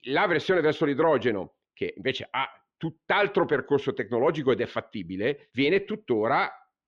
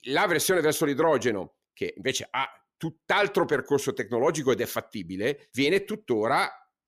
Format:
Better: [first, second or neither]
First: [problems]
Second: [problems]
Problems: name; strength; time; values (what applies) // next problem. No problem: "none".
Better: second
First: muffled; slightly; fading above 3.5 kHz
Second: none